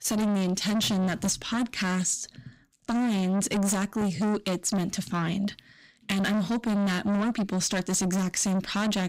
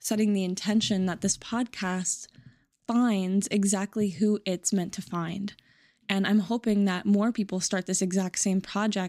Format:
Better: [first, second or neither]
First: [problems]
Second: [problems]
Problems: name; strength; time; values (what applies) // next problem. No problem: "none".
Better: second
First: distortion; heavy; 7 dB below the speech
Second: none